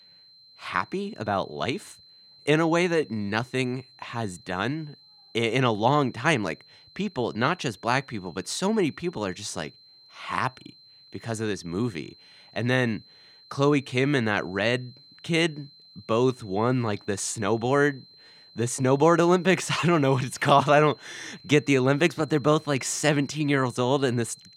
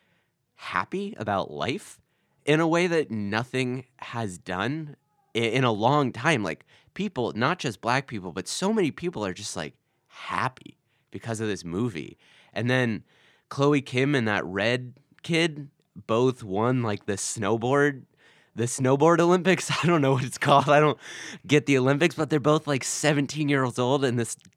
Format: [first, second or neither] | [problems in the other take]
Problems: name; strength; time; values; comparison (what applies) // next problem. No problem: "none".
second | high-pitched whine; faint; throughout; 4 kHz, 25 dB below the speech